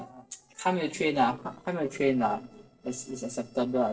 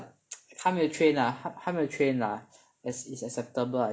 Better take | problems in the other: second | noise reduction (neural separator model SepFormer DNS4)

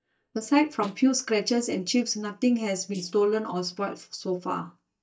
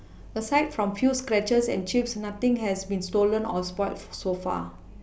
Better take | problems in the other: second | noise reduction (neural mask model DeepFilterNet 3)

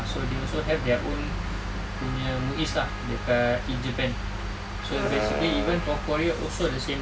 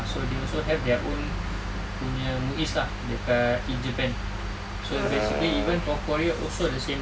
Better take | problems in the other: second | background sound (Wind instrument, woodwind instrument); 19 dB below the speech

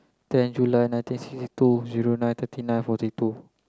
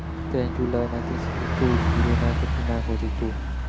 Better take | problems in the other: first | background sound (Bus); 4 dB above the speech

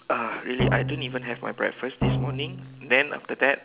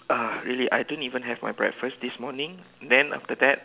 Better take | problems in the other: second | background sound (Drum); 2 dB below the speech

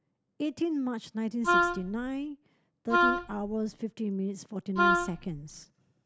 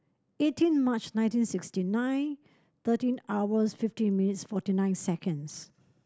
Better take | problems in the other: second | background sound (Wind instrument, woodwind instrument); 5 dB above the speech

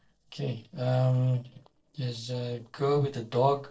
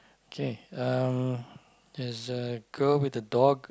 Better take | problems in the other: second | noise reduction (neural separator model SepFormer DNS4)

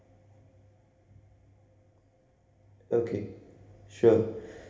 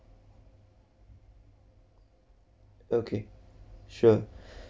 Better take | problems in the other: second | room echo; dies away in 1 s

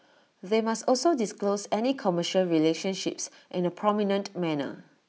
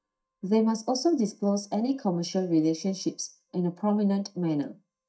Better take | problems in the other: first | noise reduction (neural mask model DeepFilterNet 3)

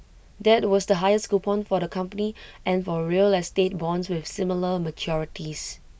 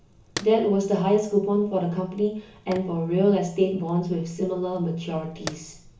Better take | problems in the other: first | background sound (Fire); 19 dB below the speech // room echo; dies away in 0.8 s

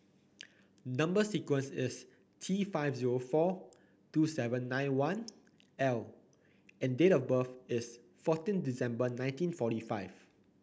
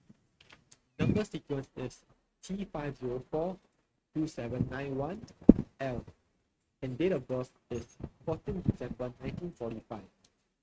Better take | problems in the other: first | noise reduction (neural mask model RNNoise)

